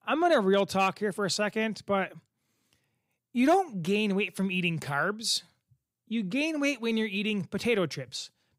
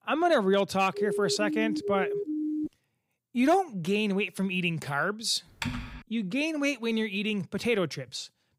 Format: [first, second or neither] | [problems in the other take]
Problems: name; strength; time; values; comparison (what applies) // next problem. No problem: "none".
first | siren; noticeable; from 1 to 2.5 s; peak 3 dB below the speech // keyboard typing; noticeable; at 5.5 s; peak 6 dB below the speech